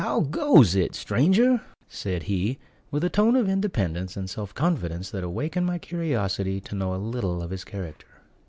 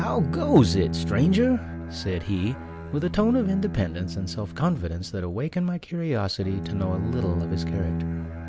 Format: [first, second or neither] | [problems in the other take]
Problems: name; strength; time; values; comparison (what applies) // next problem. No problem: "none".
first | background sound (Bowed string instrument); 6 dB below the speech